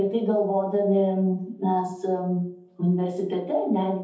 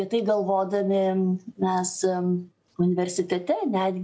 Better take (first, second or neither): second